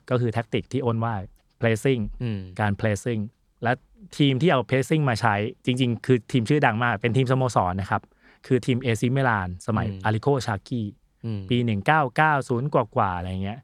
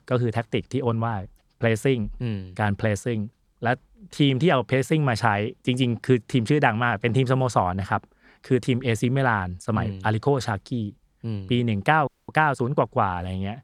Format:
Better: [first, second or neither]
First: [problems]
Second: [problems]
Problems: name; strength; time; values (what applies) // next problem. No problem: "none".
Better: first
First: none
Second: audio freezing; at 12 s